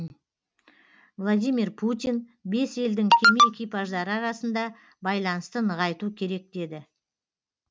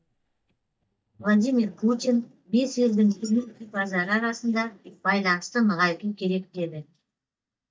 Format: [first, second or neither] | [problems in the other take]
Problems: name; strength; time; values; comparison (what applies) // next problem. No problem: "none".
first | noise reduction (neural mask model DeepFilterNet 3)